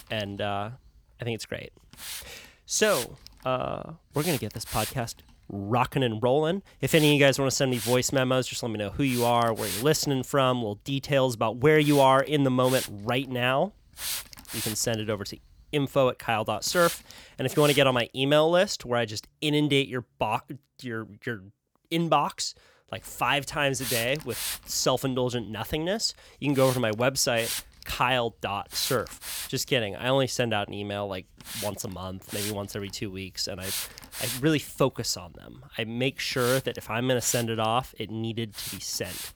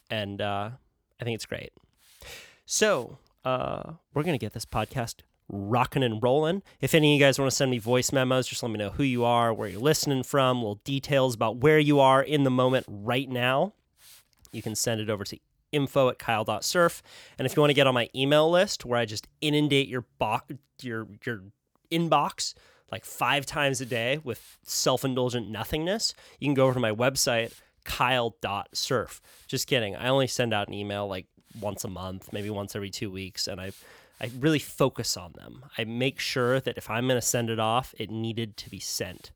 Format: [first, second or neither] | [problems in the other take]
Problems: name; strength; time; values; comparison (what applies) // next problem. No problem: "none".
second | hiss; loud; until 18 s and from 23 s on; 8 dB below the speech; faint in the second